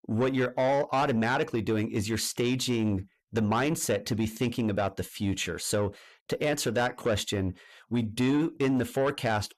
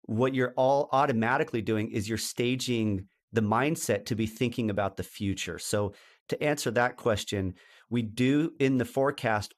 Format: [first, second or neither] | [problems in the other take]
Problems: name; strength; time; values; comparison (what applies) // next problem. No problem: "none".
second | distortion; slight; 10 dB below the speech